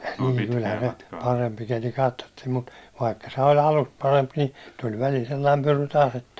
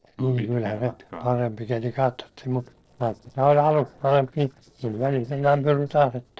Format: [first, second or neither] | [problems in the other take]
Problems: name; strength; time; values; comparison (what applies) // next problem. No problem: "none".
first | noise reduction (neural separator model SepFormer DNS4)